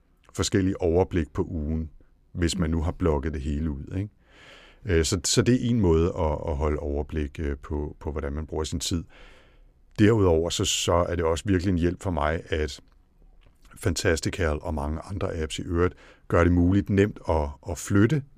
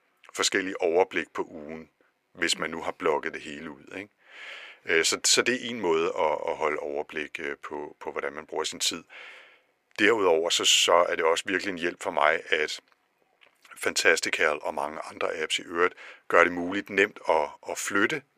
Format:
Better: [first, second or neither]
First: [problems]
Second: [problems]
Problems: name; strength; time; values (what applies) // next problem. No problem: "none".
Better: first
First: none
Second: thin; very; fading below 600 Hz